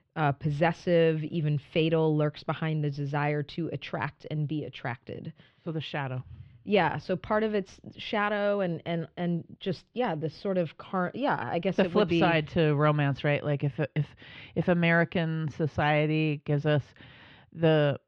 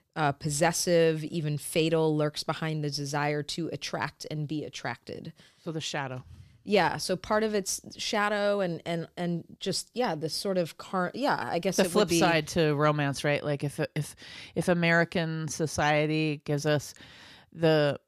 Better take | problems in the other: second | muffled; very; fading above 3 kHz

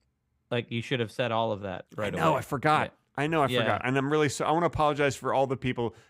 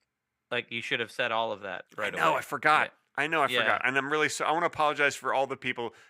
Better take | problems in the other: first | thin; somewhat; fading below 650 Hz

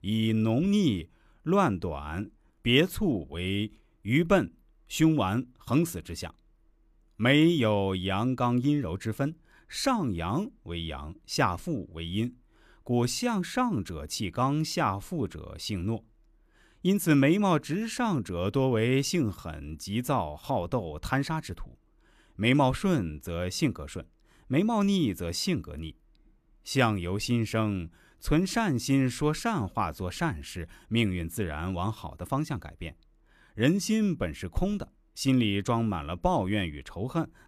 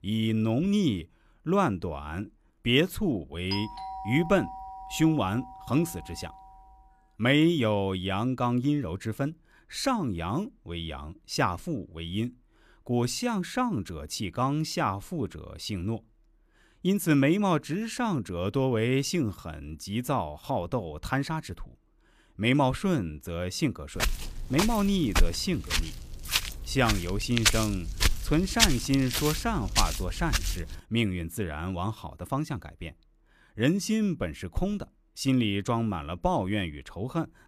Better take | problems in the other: first | doorbell; noticeable; from 3.5 to 6.5 s; peak 7 dB below the speech // footsteps; loud; from 24 to 31 s; peak 5 dB above the speech

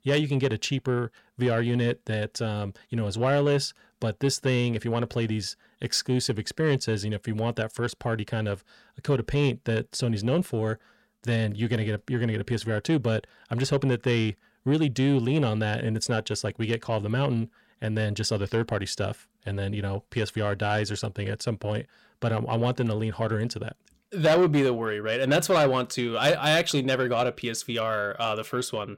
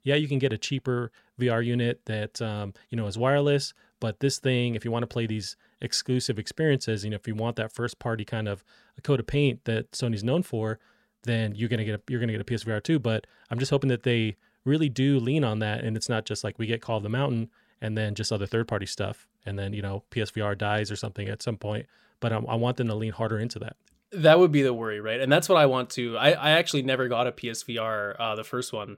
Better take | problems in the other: second | distortion; slight; 10 dB below the speech

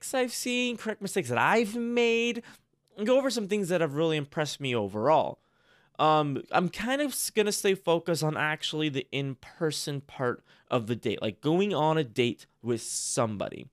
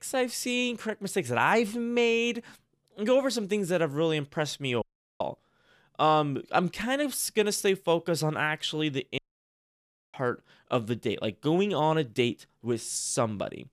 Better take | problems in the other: first | audio cutting out; at 5 s and at 9 s for 1 s

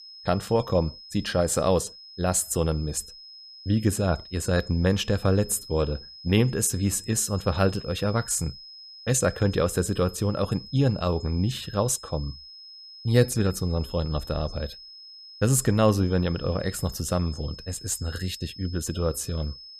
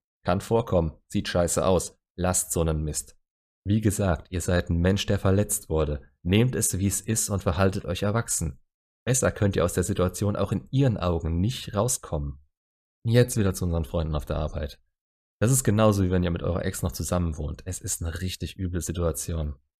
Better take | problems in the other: second | high-pitched whine; noticeable; throughout; 5 kHz, 15 dB below the speech

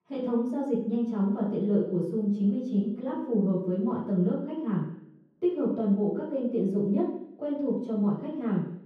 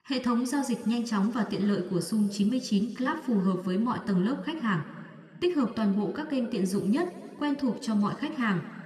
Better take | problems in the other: second | room echo; strong; dies away in 0.9 s; slight in the second // off-mic speech; far

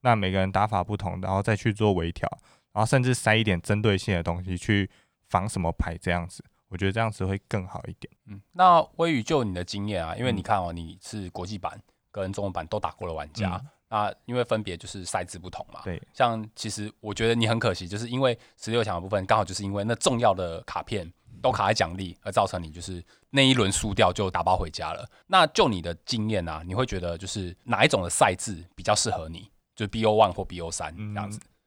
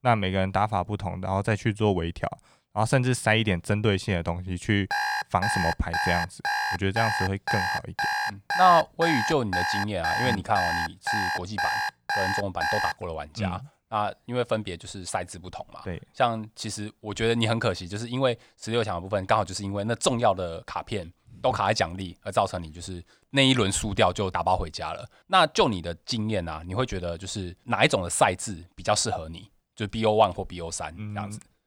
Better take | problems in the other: first | alarm; loud; from 5 to 13 s; peak level with the speech

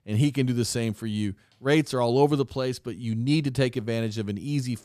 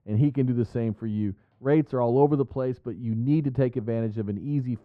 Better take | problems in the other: first | muffled; very; fading above 3 kHz

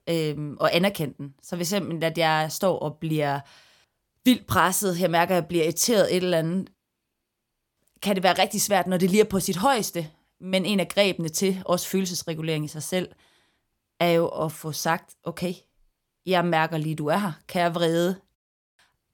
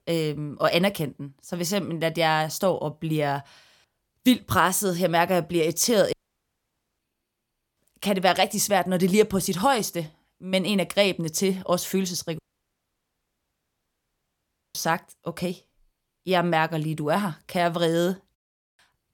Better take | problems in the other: first | audio cutting out; at 6 s for 1 s and at 12 s for 2.5 s

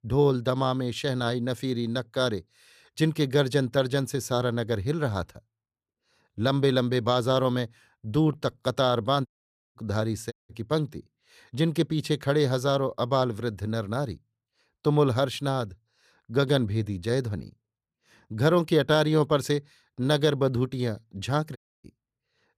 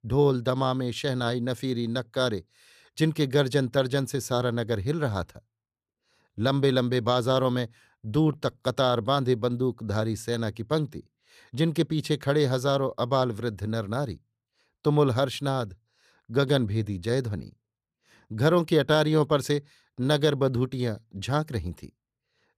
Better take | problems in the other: second | audio cutting out; at 9.5 s, at 10 s and at 22 s

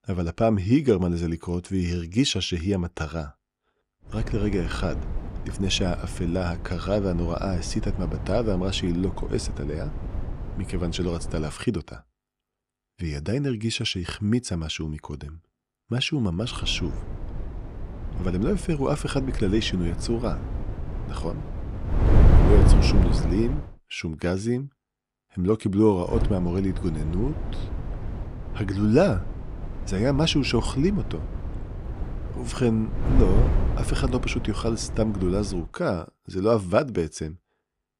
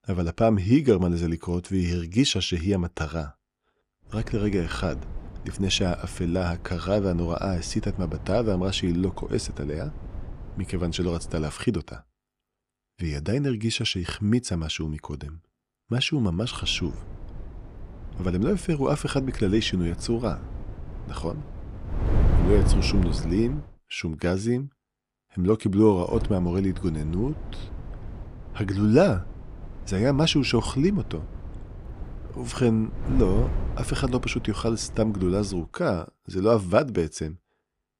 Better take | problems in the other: second | wind noise on the microphone; heavy; from 4 to 11 s, from 16 to 24 s and from 26 to 36 s; 10 dB below the speech; occasional gusts in the second

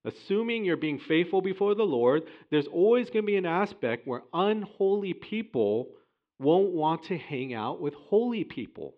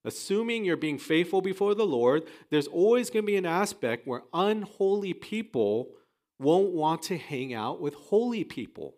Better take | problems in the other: second | muffled; slightly; fading above 3 kHz

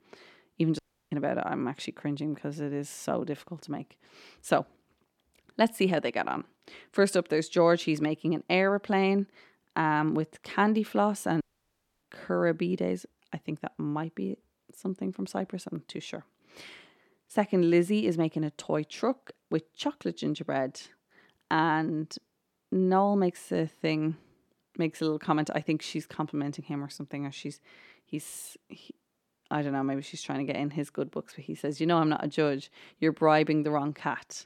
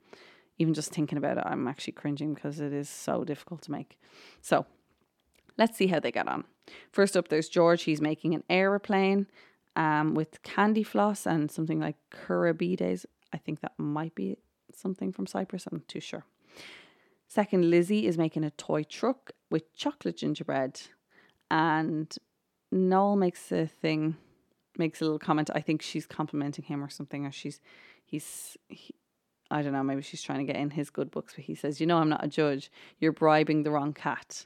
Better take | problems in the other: second | audio cutting out; at 1 s and at 11 s for 0.5 s

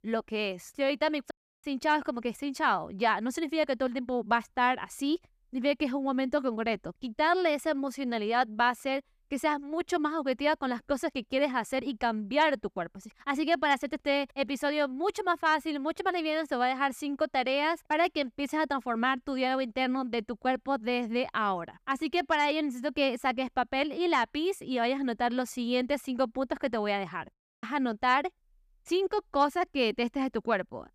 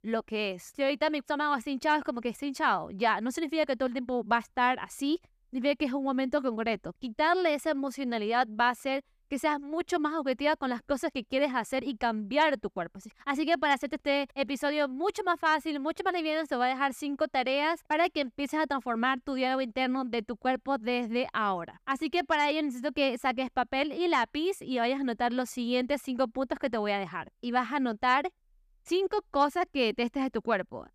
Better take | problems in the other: second | audio cutting out; at 1.5 s and at 27 s

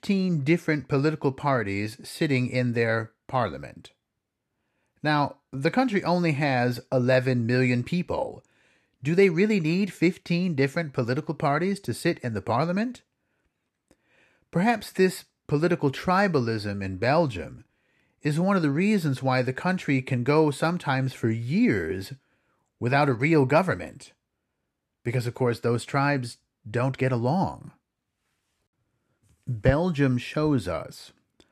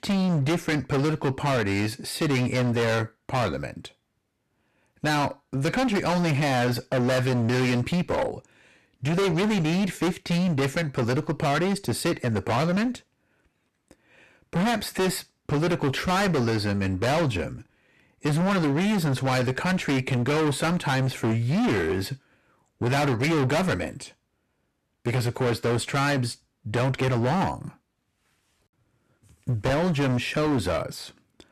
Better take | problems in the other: first | distortion; heavy; 26% of the sound clipped

